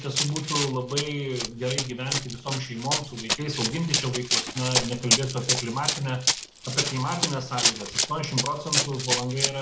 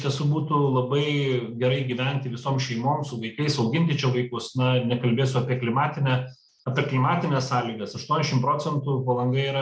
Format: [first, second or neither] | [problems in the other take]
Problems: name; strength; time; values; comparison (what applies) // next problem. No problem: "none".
second | background sound (Run); 1 dB above the speech